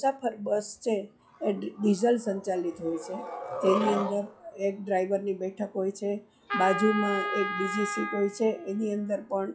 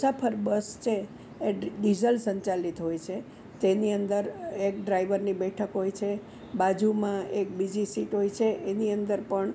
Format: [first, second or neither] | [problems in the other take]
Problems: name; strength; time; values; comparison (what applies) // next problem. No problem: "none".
second | noise reduction (classical method log-MMSE)